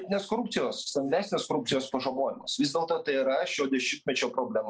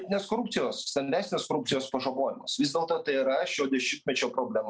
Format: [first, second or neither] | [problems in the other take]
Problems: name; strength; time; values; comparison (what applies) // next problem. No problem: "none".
second | noise reduction (neural mask model Resemble Enhance denoiser)